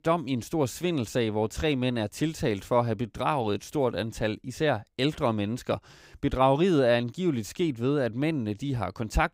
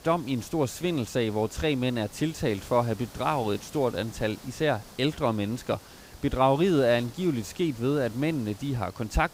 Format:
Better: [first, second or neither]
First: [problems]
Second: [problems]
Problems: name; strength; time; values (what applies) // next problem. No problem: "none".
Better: first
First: none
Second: hiss; noticeable; throughout; 20 dB below the speech